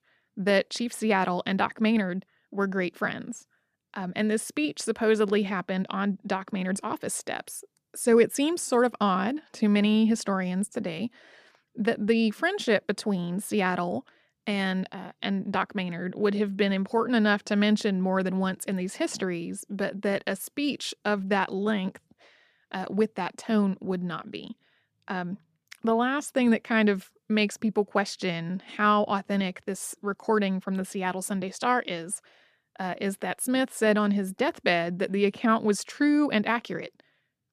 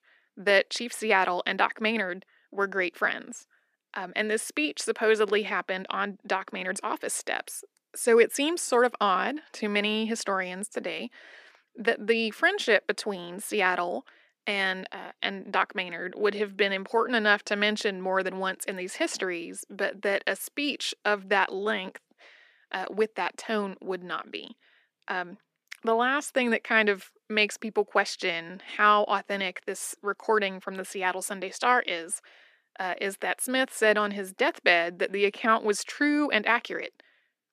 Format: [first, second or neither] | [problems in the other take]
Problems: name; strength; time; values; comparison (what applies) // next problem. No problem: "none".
first | thin; somewhat; fading below 300 Hz